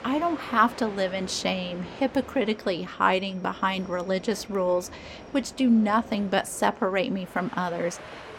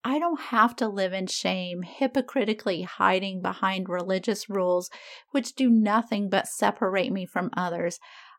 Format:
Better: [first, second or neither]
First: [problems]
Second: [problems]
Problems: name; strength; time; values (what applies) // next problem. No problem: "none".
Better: second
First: train or aircraft noise; noticeable; throughout; 15 dB below the speech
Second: none